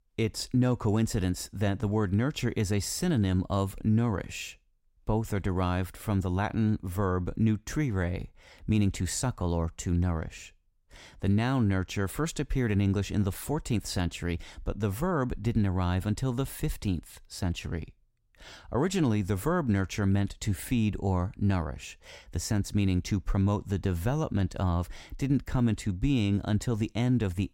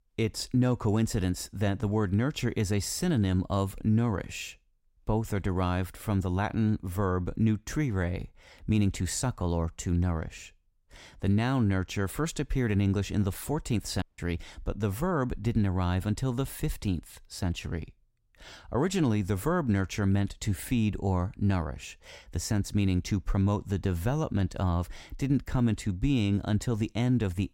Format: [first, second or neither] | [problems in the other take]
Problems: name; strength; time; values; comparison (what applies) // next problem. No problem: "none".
first | audio cutting out; at 14 s